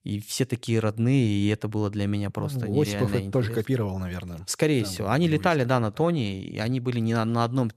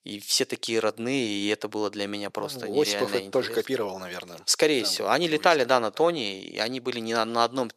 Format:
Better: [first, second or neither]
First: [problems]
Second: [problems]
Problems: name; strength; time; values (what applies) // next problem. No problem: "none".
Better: first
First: none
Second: thin; somewhat; fading below 450 Hz